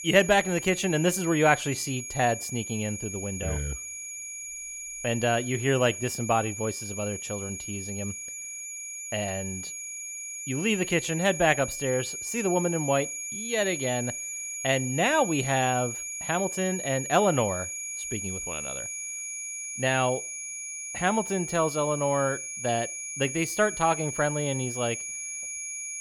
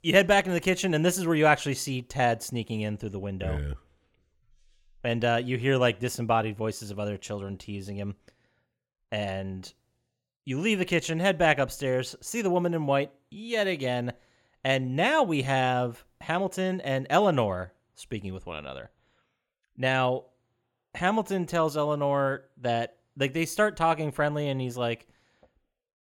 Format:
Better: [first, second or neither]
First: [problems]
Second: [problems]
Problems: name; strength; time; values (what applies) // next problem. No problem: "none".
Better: second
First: high-pitched whine; loud; throughout; 6.5 kHz, 6 dB below the speech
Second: none